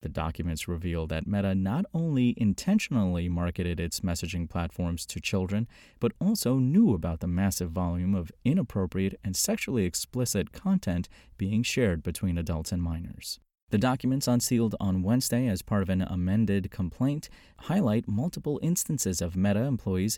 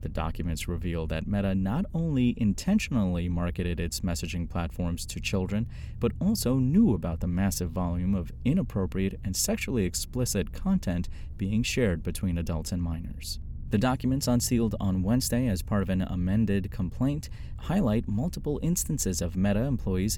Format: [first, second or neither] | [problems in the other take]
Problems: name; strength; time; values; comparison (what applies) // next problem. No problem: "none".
first | low rumble; faint; throughout; 25 dB below the speech